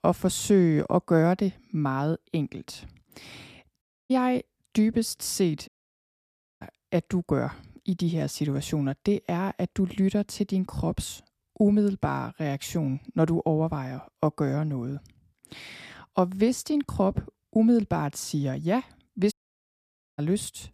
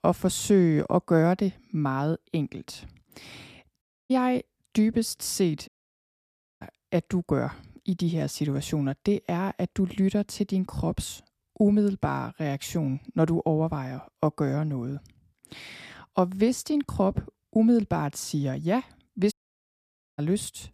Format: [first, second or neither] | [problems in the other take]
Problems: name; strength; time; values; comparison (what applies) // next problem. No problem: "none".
neither | audio cutting out; at 4 s, at 5.5 s for 1 s and at 19 s for 1 s; the same in both